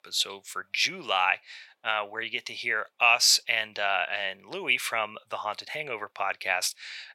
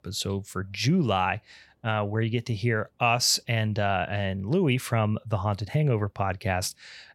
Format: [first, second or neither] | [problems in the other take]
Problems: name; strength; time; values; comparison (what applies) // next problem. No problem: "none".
second | thin; very; fading below 800 Hz